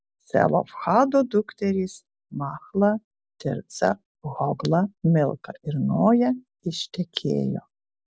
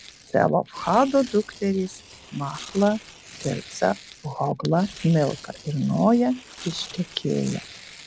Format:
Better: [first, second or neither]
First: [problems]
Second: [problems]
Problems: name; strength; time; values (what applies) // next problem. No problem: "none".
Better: first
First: none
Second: background sound (Tearing); 18 dB below the speech